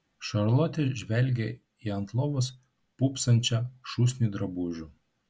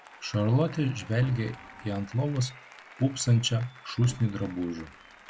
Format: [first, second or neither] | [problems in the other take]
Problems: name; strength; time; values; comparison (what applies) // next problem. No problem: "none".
first | background sound (Organ + Applause); 19 dB below the speech